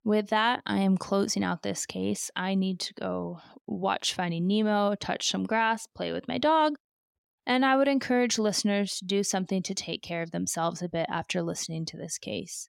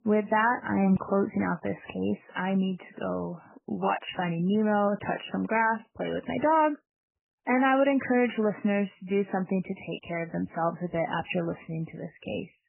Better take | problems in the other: first | garbled, watery; badly; nothing above 3 kHz

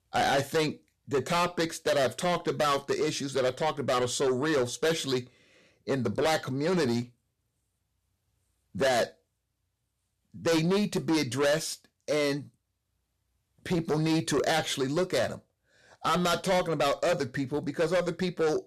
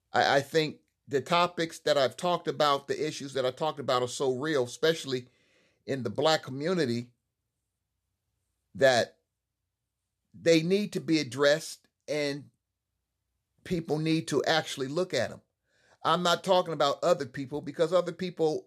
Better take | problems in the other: second | distortion; heavy; 6 dB below the speech

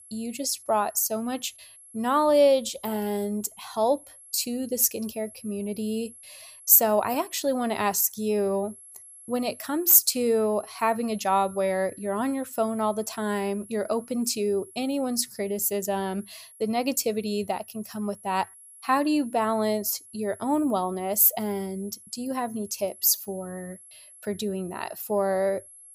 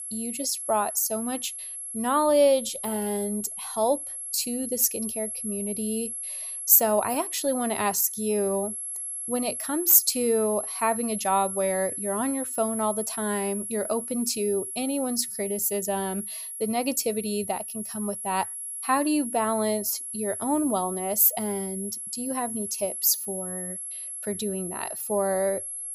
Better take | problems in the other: first | high-pitched whine; loud; throughout; 11 kHz, 6 dB below the speech; faint in the first

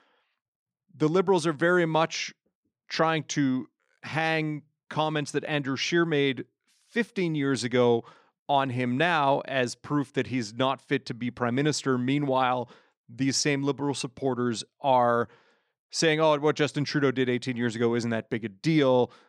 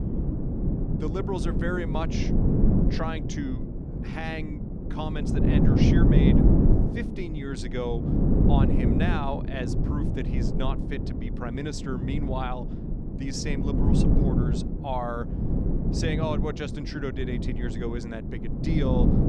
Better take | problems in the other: first | wind noise on the microphone; heavy; as loud as the speech

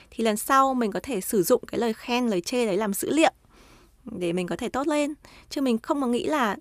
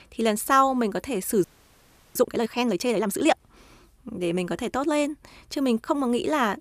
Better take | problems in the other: first | audio freezing; at 1.5 s for 0.5 s

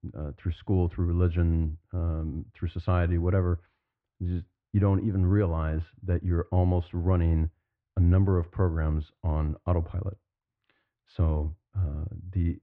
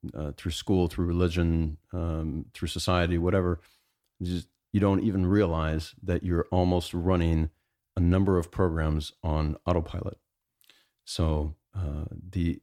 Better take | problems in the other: second | muffled; very; fading above 2 kHz

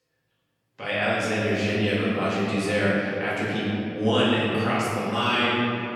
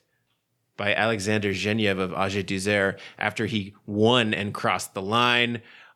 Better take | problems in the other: second | off-mic speech; far // room echo; strong; dies away in 2.9 s

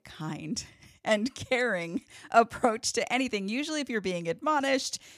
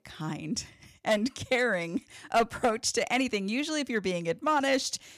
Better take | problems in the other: first | distortion; slight; 2% of the sound clipped

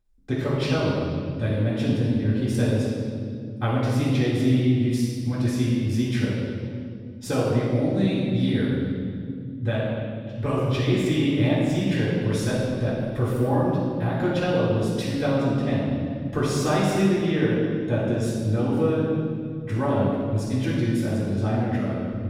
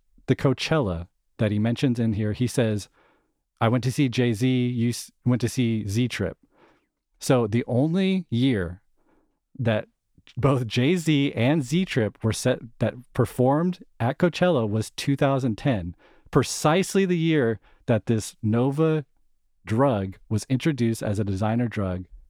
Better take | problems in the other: second | off-mic speech; far // room echo; strong; dies away in 2.2 s

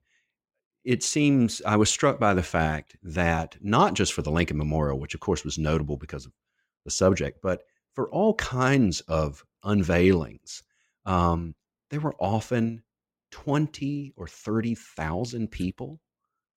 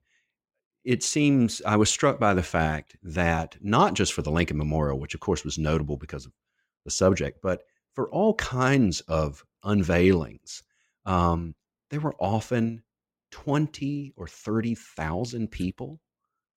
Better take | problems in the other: neither | none

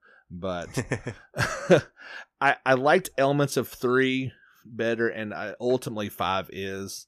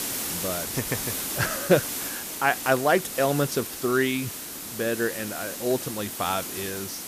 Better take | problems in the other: first | hiss; loud; throughout; 4 dB below the speech

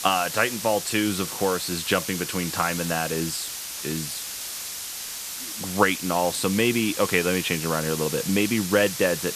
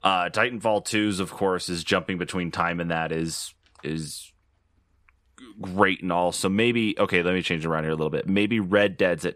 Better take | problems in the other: second | hiss; loud; throughout; 6 dB below the speech

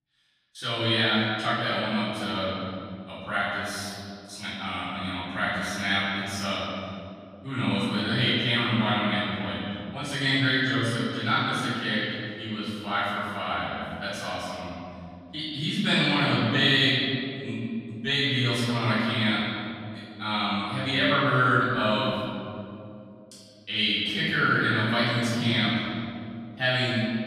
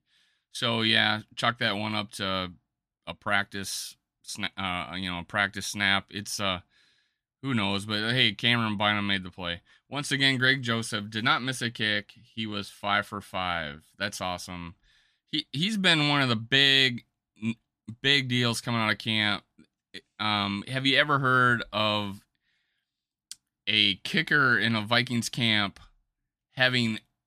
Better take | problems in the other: second | off-mic speech; far // room echo; strong; dies away in 2.6 s

